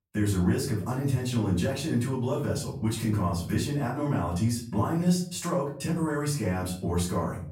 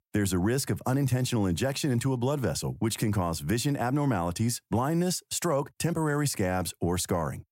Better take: second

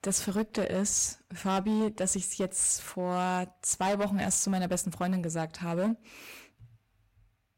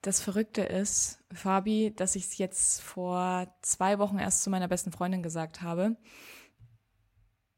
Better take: second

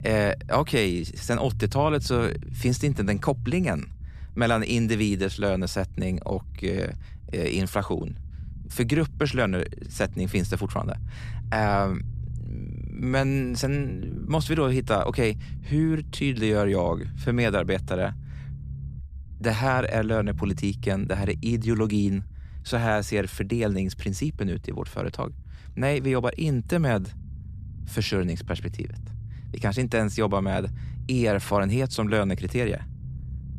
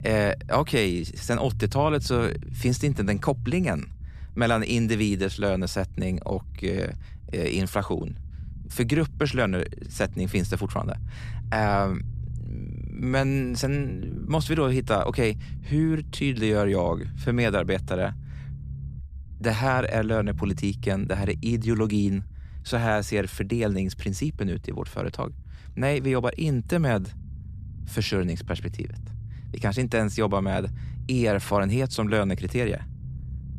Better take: neither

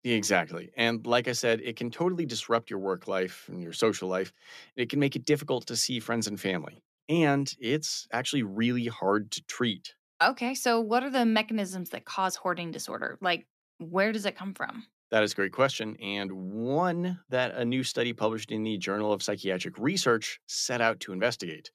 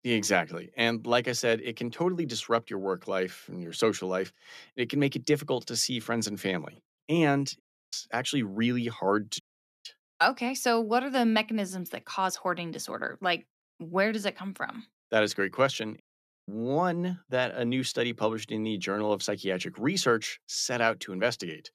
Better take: first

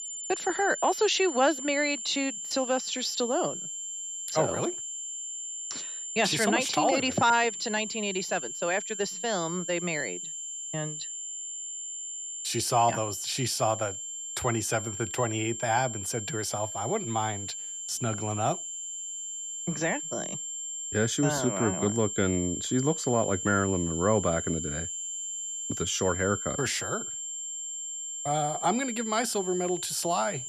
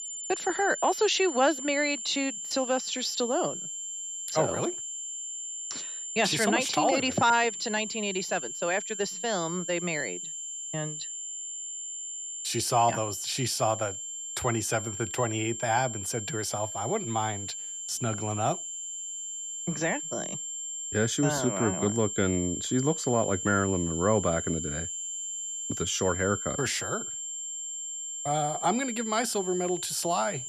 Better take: neither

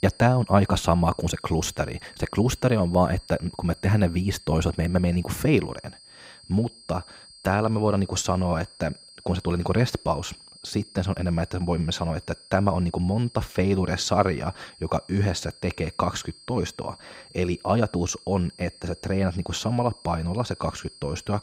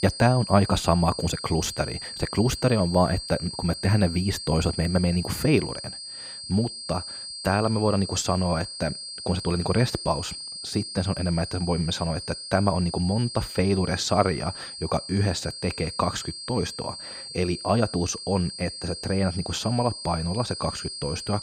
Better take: first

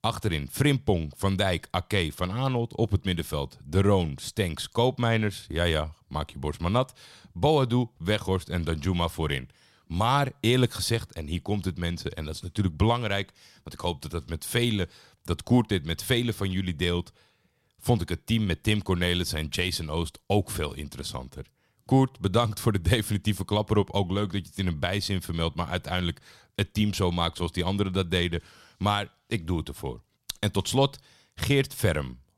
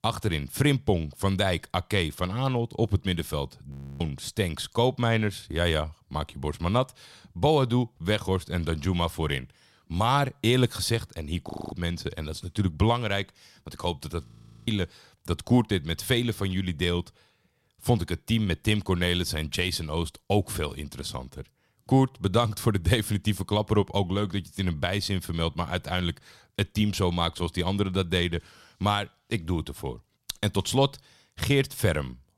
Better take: first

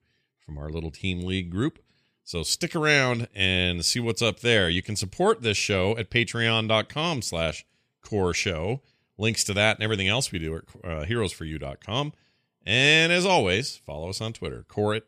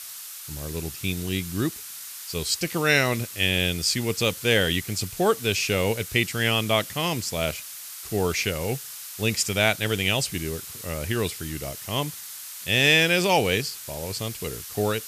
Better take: first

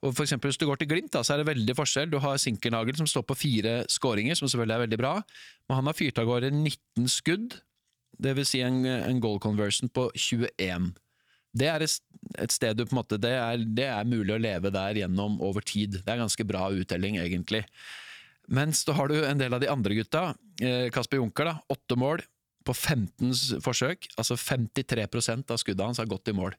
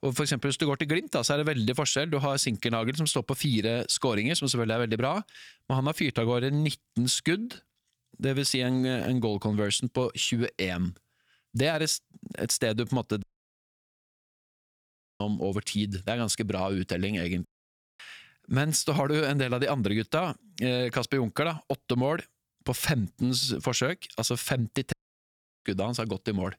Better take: first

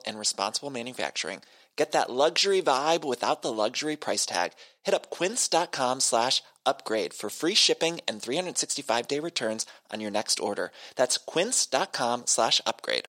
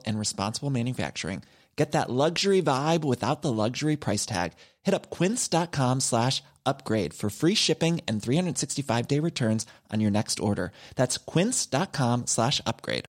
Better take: second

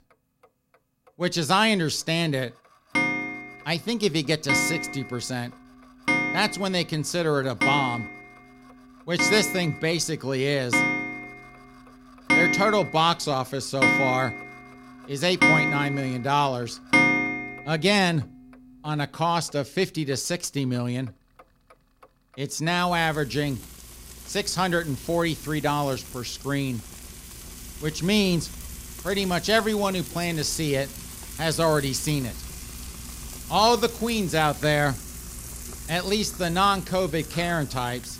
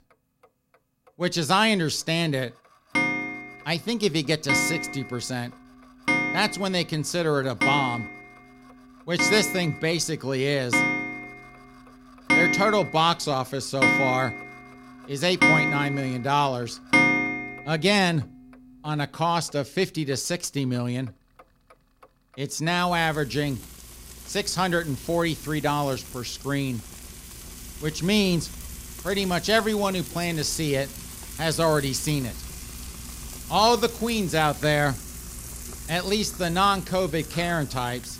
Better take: neither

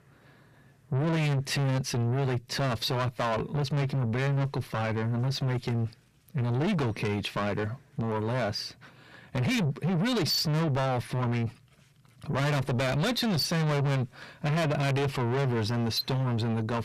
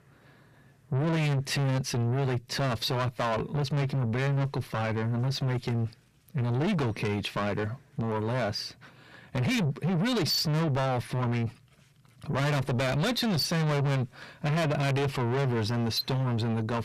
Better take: neither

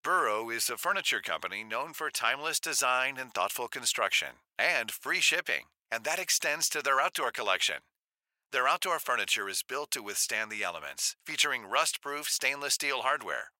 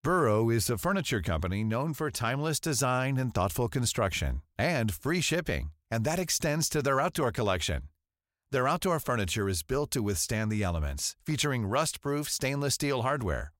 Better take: second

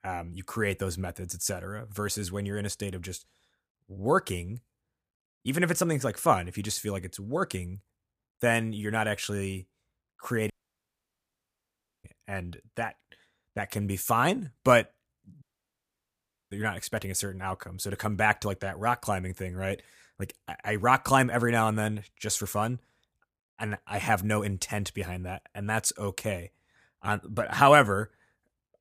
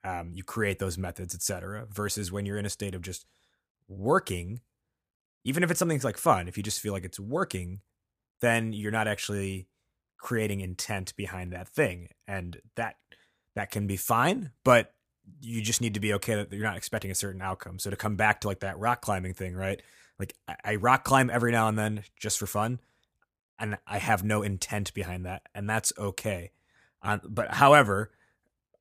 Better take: second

